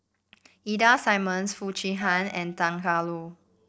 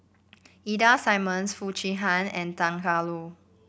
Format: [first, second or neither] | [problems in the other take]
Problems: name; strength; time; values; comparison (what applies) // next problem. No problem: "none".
second | noise reduction (neural separator model SepFormer DNS4)